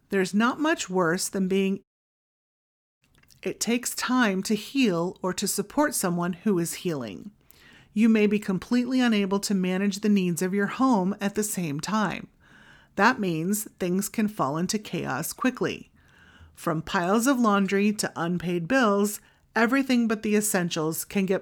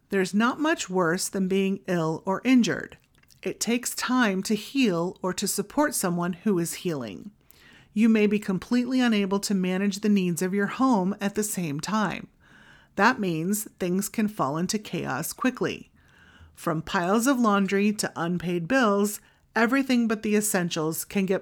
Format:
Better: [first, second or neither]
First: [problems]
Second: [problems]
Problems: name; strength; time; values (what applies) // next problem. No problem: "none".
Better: second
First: audio cutting out; at 2 s for 1 s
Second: none